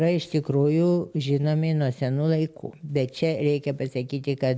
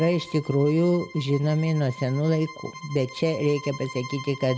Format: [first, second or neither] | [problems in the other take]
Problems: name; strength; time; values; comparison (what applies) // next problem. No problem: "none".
first | background sound (Bowed string instrument); 16 dB below the speech